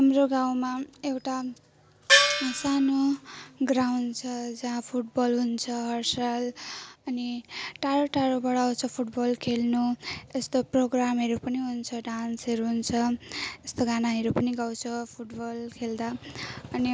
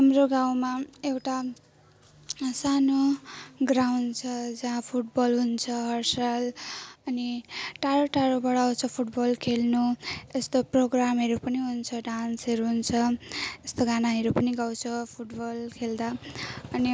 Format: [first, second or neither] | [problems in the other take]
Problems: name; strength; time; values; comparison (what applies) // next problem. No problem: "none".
second | background sound (Gong); 5 dB above the speech